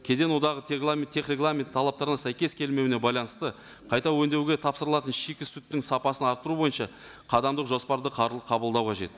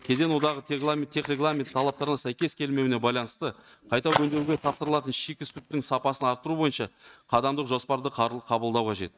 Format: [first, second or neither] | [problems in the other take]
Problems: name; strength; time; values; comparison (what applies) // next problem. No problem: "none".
first | noise reduction (neural mask model RNNoise)